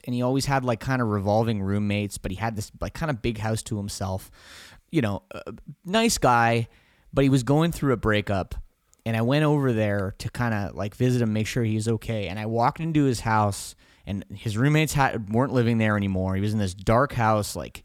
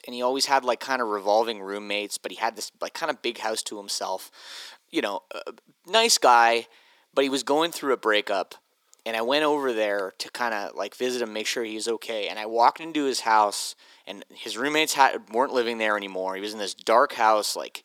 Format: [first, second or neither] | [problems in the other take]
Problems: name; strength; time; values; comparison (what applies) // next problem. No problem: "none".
first | thin; very; fading below 350 Hz